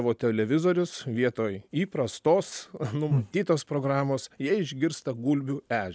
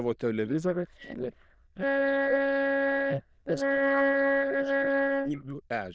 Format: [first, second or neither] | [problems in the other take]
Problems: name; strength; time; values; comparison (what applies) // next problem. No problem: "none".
first | noise reduction (neural diffusion model UNIVERSE++)